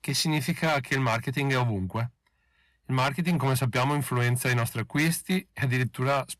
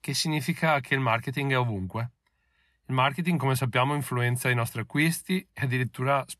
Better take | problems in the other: second | distortion; slight; 9% of the sound clipped

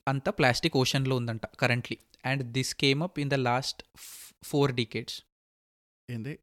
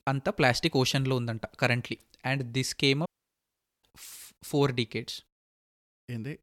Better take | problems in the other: first | audio cutting out; at 3 s for 1 s

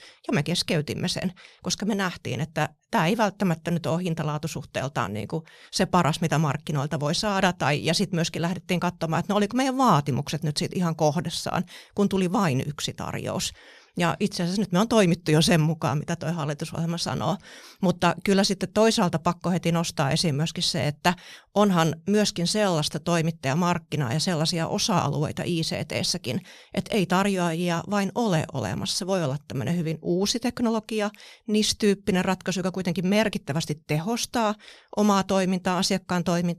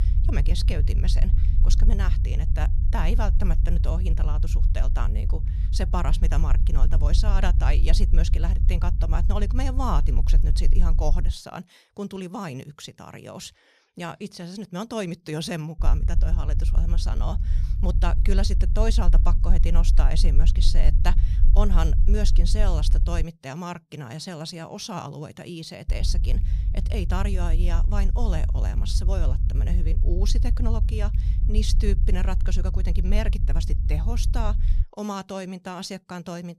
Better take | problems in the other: first | low rumble; loud; until 11 s, from 16 to 23 s and from 26 to 35 s; 10 dB below the speech

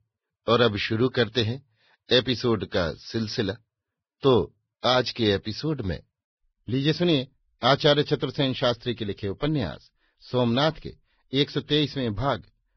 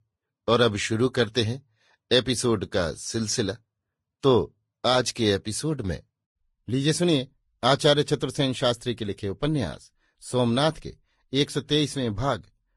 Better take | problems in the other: second | garbled, watery; badly; nothing above 5.5 kHz; slightly in the second

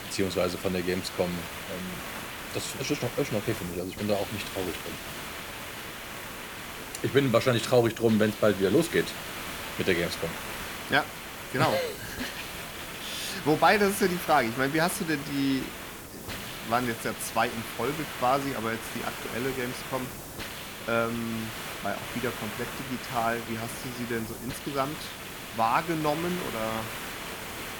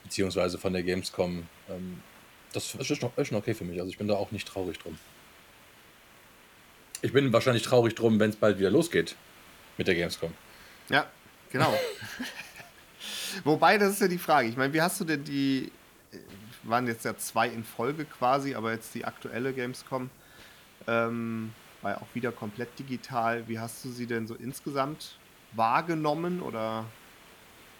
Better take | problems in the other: second | hiss; loud; throughout; 8 dB below the speech; faint in the second

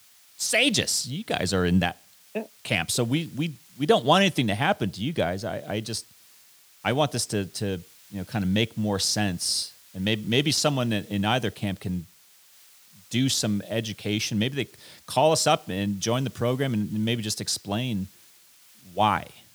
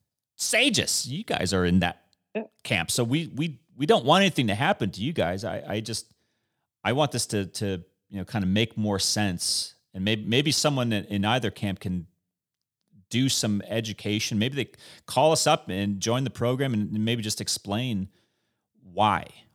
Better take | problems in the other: second | hiss; faint; throughout; 25 dB below the speech

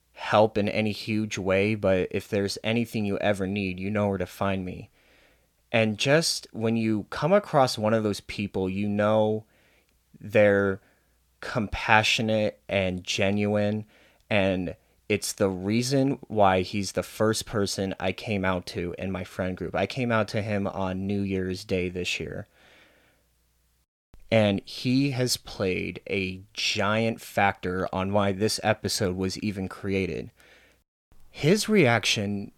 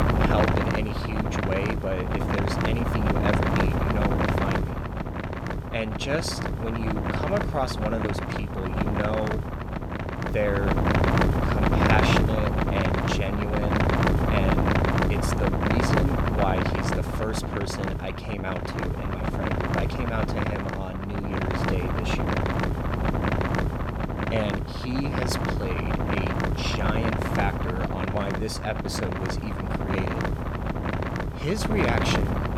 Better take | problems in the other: first | wind noise on the microphone; heavy; 3 dB above the speech

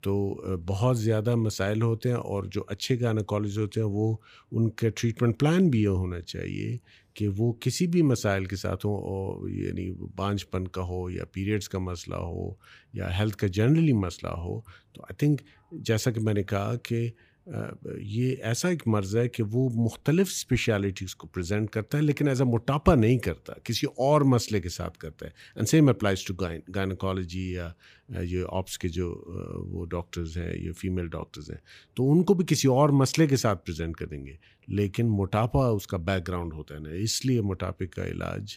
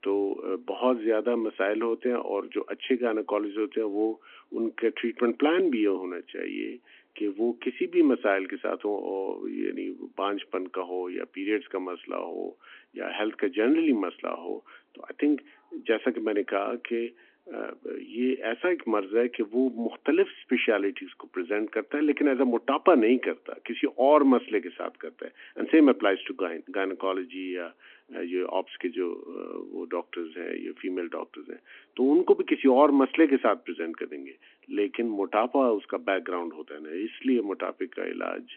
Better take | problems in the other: first | phone-call audio

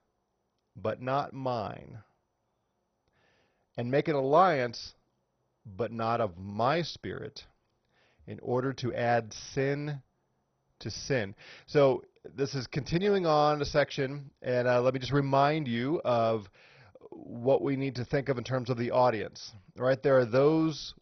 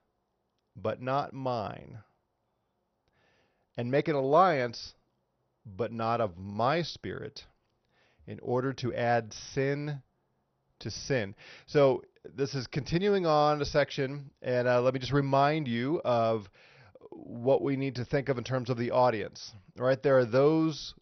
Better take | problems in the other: second | garbled, watery; badly; nothing above 6 kHz; slightly in the second

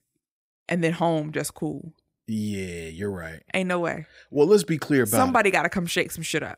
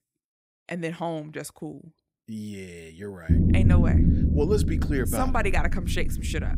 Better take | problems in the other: first | low rumble; loud; from 3.5 s on; 3 dB below the speech

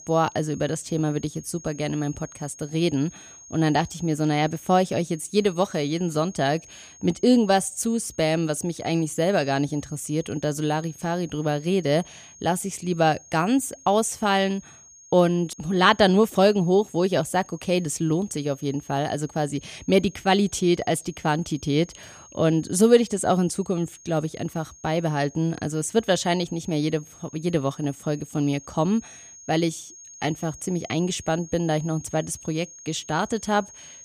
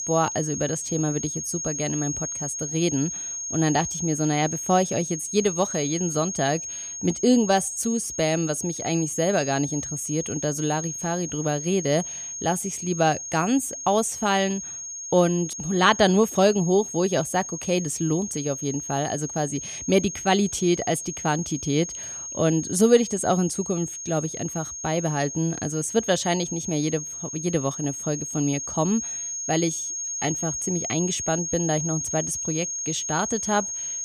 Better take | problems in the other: first | high-pitched whine; loud; throughout; 6.5 kHz, 5 dB below the speech; faint in the first

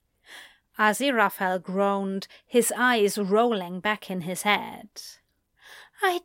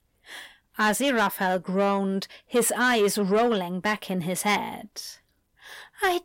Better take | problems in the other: first | distortion; slight; 10 dB below the speech

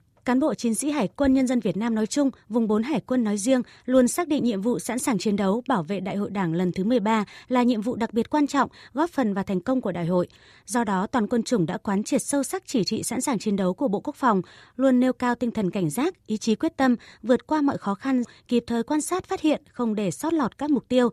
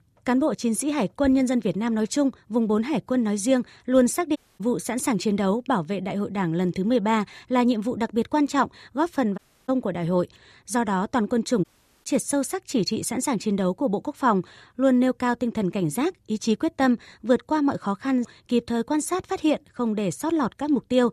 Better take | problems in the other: first | audio cutting out; at 4.5 s, at 9.5 s and at 12 s

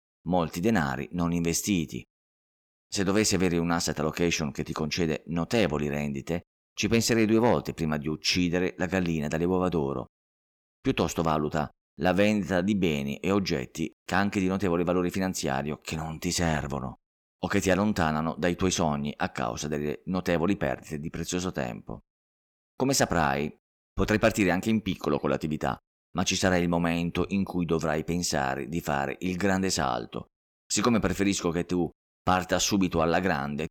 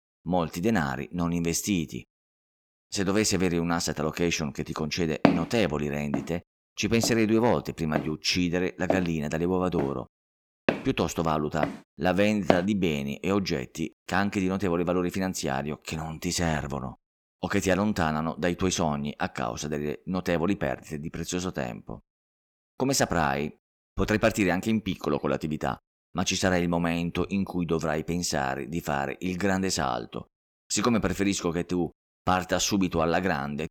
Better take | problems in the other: first | footsteps; loud; from 5 to 13 s; peak 3 dB above the speech

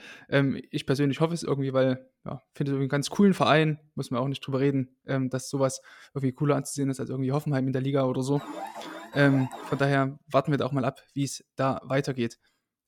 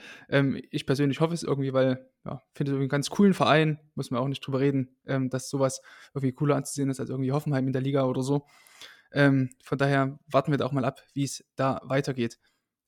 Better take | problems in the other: second | alarm; faint; from 8.5 to 10 s; peak 10 dB below the speech

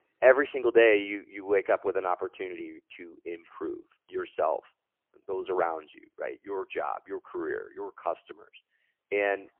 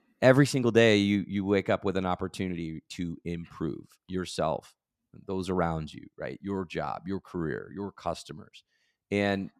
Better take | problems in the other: second | phone-call audio; poor line; nothing above 3 kHz

